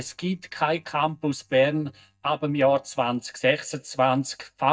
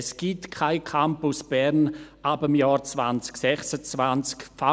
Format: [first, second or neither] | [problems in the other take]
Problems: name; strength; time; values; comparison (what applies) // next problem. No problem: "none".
second | noise reduction (neural mask model DeepFilterNet 3)